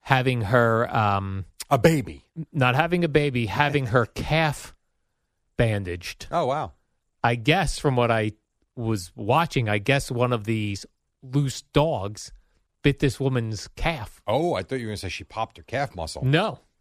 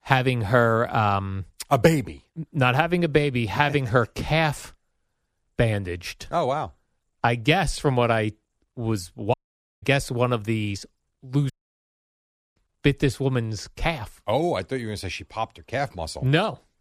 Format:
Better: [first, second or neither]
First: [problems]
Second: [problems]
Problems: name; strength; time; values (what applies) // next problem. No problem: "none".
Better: first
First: none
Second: audio cutting out; at 9.5 s and at 12 s for 1 s